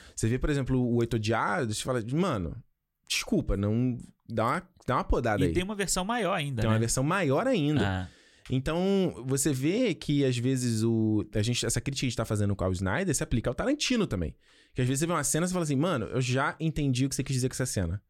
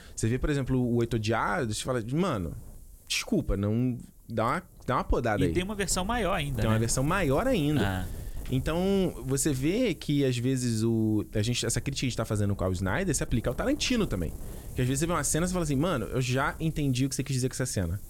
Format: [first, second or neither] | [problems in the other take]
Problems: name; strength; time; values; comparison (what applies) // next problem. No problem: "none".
first | wind noise on the microphone; occasional gusts; 25 dB below the speech